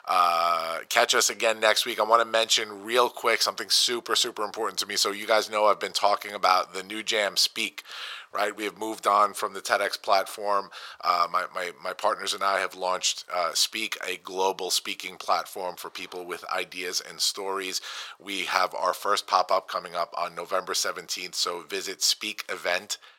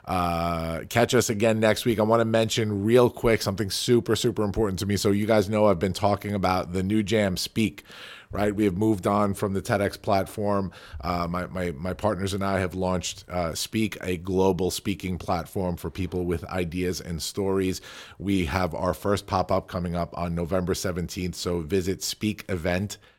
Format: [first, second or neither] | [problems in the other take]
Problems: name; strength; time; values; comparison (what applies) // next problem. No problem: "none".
second | thin; very; fading below 750 Hz